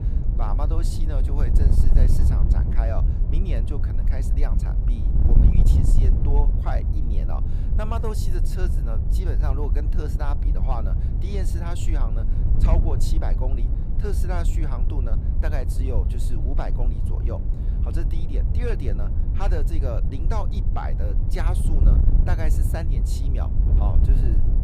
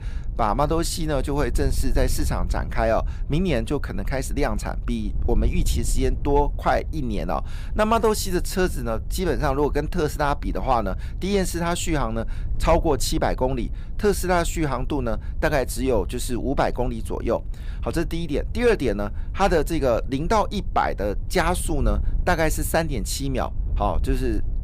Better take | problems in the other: second | wind noise on the microphone; heavy; 3 dB below the speech; occasional gusts in the second

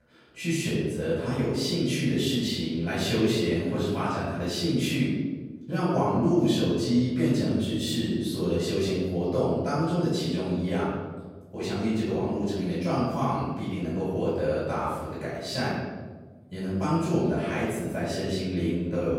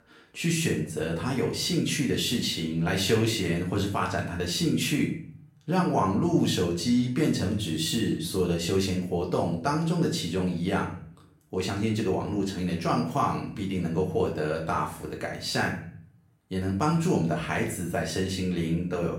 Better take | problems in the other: second | room echo; strong; dies away in 1.4 s; slight in the second // off-mic speech; far; far in the second

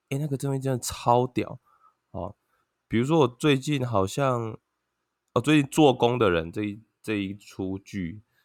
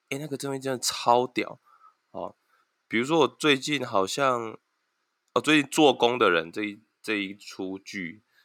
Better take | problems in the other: first | thin; very slightly; fading below 250 Hz

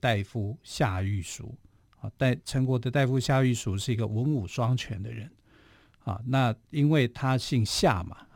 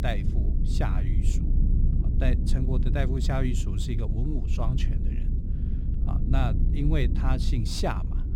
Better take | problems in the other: first | low rumble; loud; throughout; 7 dB below the speech

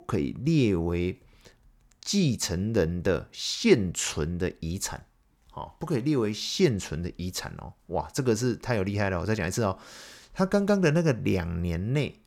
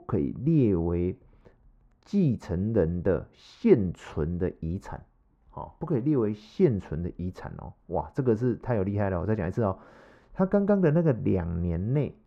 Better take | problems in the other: first | muffled; very; fading above 2.5 kHz

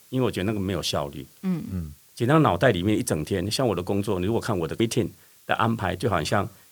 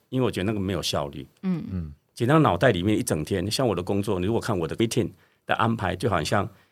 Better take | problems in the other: second | hiss; faint; throughout; 25 dB below the speech

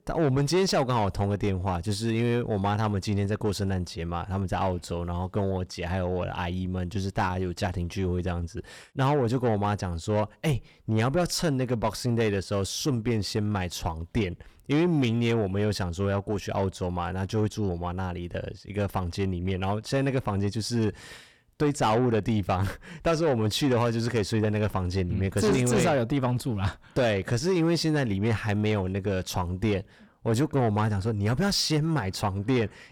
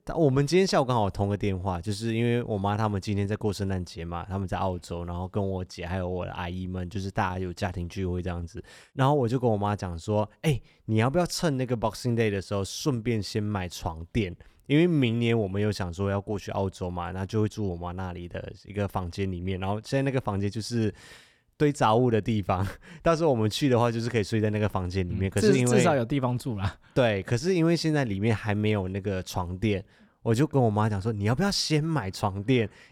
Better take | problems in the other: second | distortion; slight; 10 dB below the speech

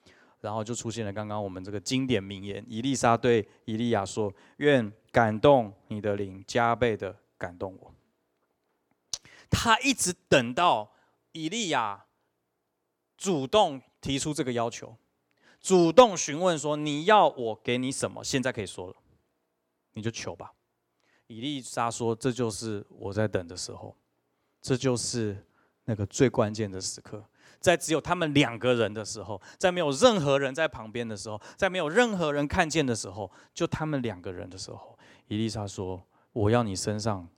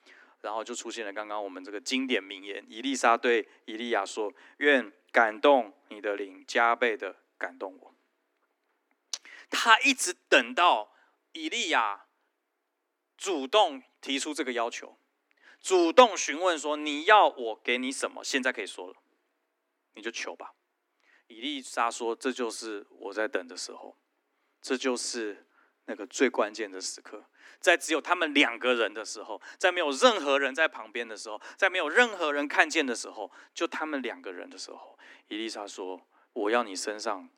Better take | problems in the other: first | thin; very slightly; fading below 250 Hz

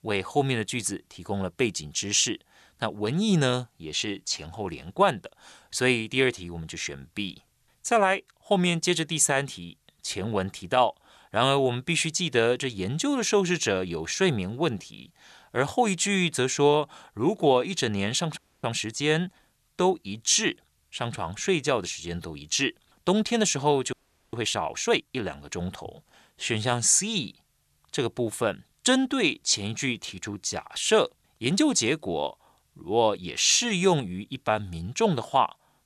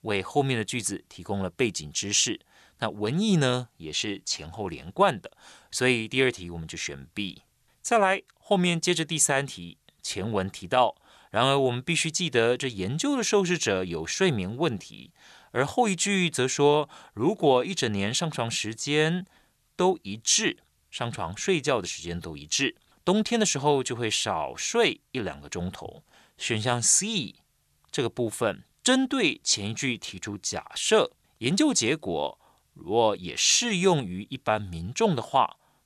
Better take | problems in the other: second | audio freezing; at 18 s and at 24 s

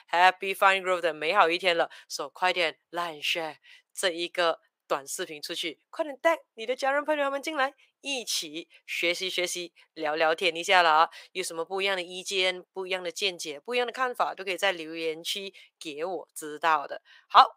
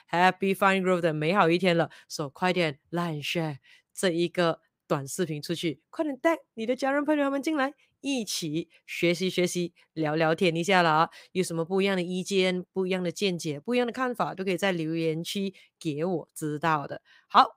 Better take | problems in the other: second | thin; very; fading below 650 Hz

